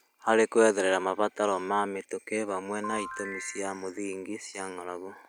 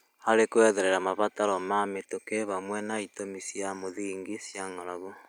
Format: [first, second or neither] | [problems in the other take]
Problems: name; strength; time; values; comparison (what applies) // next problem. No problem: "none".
second | background sound (Ringtone / Chime); 11 dB below the speech